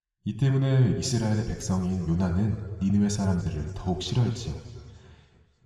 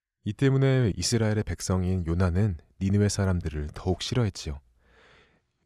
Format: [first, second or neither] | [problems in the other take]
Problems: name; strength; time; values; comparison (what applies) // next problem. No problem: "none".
second | room echo; slight; dies away in 2 s